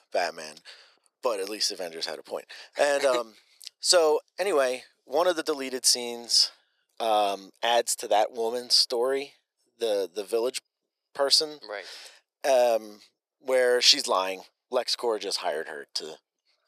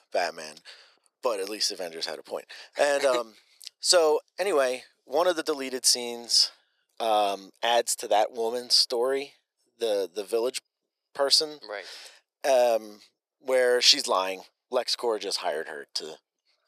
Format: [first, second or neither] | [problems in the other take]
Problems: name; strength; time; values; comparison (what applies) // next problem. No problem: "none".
neither | thin; very; fading below 450 Hz; the same in both